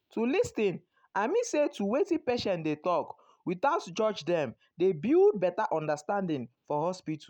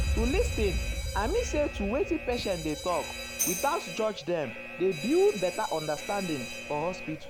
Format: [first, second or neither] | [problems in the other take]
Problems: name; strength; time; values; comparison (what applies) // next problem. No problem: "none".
first | background sound (Alarm + Tambourine); 4 dB below the speech